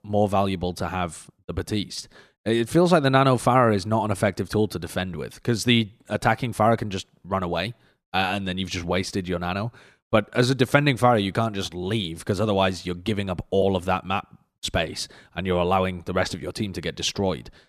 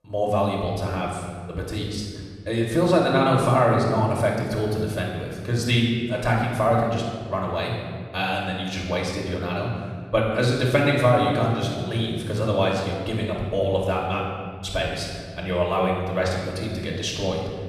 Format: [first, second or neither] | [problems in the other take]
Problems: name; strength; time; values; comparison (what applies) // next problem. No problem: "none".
first | off-mic speech; far // room echo; noticeable; dies away in 1.7 s